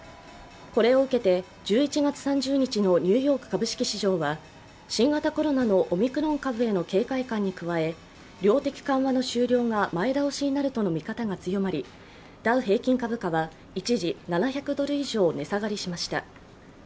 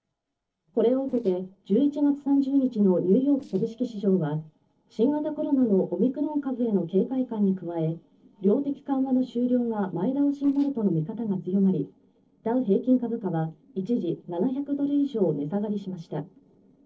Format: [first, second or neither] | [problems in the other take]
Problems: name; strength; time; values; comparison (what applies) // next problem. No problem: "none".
first | noise reduction (neural separator model SepFormer DNS4)